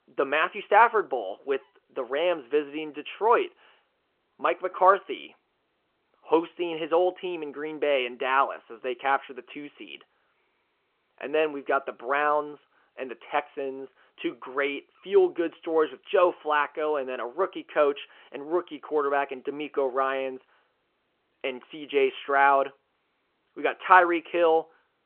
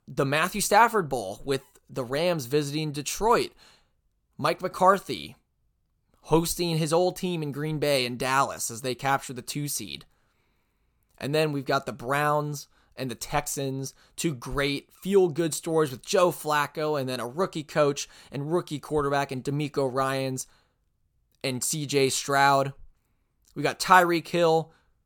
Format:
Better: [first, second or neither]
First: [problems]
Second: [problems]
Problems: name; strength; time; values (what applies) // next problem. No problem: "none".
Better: second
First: phone-call audio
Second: none